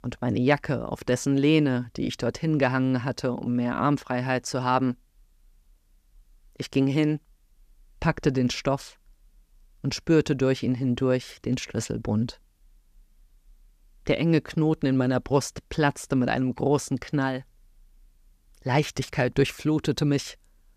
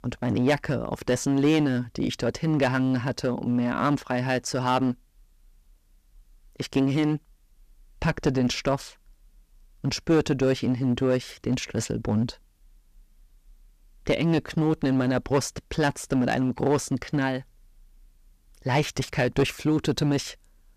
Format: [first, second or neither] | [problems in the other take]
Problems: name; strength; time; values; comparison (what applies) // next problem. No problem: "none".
first | distortion; slight; 4% of the sound clipped